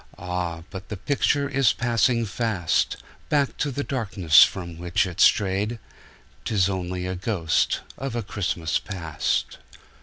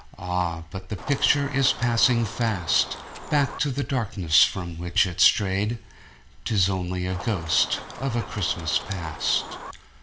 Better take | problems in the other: first | background sound (Chicken, rooster); 13 dB below the speech // room echo; dies away in 0.5 s

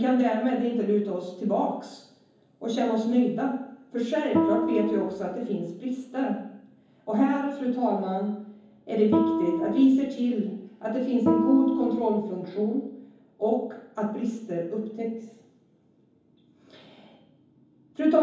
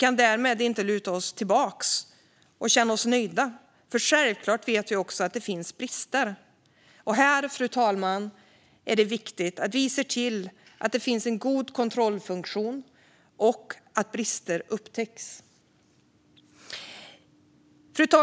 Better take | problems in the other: second | background sound (Guitar); 1 dB above the speech // room echo; dies away in 0.9 s

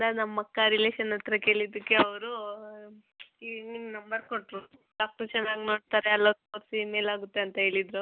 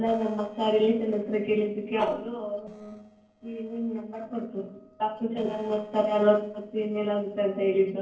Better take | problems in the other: first | noise reduction (neural separator model SepFormer DNS4)

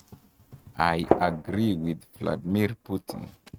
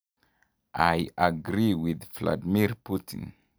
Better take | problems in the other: second | noise reduction (neural mask model RNNoise)

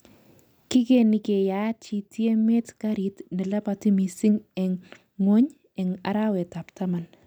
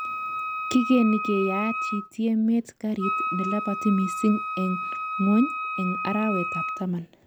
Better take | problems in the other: first | background sound (Wind instrument, woodwind instrument); 5 dB below the speech

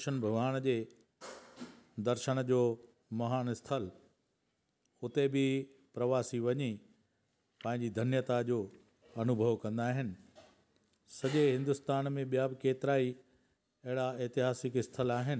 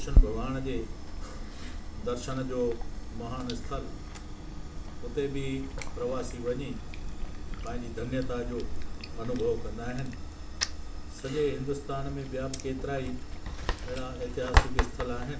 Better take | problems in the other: first | background sound (Chewing, mastication); 4 dB above the speech // room echo; dies away in 0.4 s

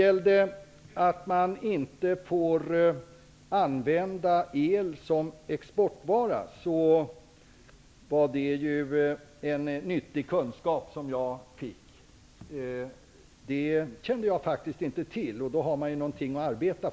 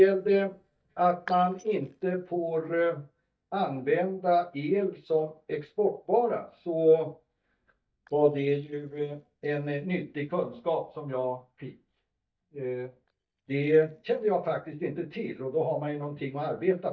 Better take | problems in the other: first | noise reduction (neural mask model DeepFilterNet 3)

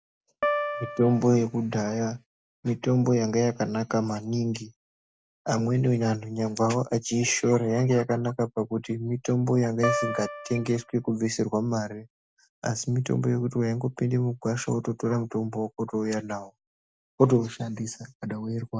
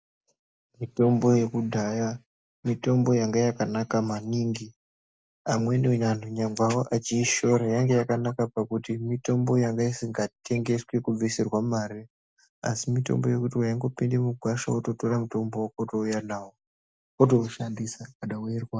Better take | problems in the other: second | background sound (Piano); 6 dB below the speech

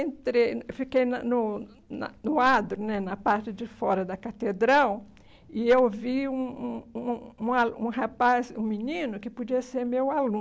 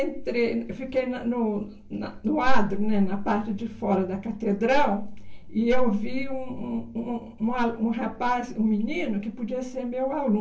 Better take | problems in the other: first | room echo; dies away in 0.3 s

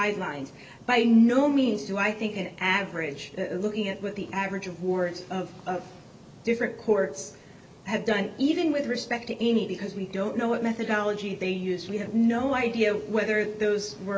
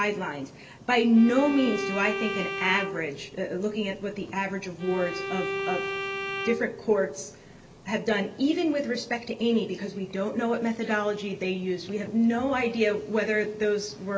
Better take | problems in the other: first | background sound (Bowed string instrument); 7 dB below the speech

